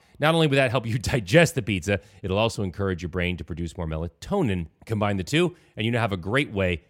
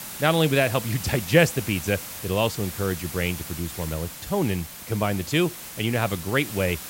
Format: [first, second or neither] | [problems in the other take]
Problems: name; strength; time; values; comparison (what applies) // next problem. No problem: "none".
first | hiss; loud; throughout; 10 dB below the speech